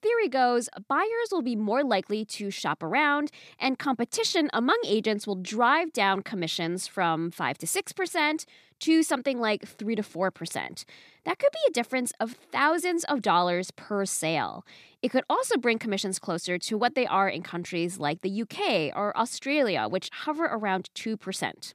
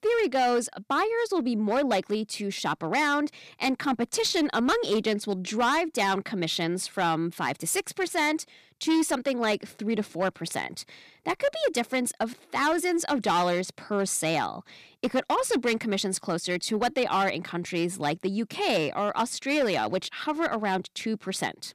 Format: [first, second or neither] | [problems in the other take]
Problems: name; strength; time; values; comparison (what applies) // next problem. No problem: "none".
first | distortion; slight; 7% of the sound clipped